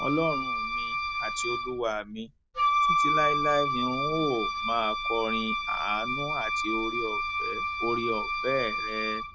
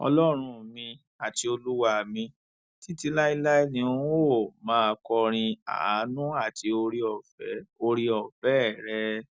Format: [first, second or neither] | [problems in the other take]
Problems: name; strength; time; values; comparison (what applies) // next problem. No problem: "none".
second | background sound (Wind instrument, woodwind instrument); 3 dB above the speech